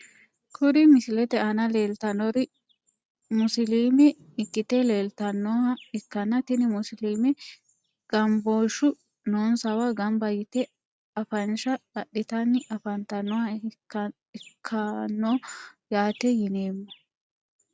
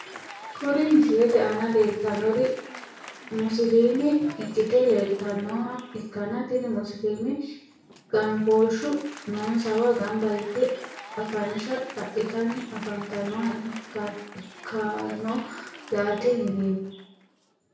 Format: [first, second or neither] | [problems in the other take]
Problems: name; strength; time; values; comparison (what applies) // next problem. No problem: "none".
first | background sound (Applause); 17 dB below the speech // room echo; dies away in 0.6 s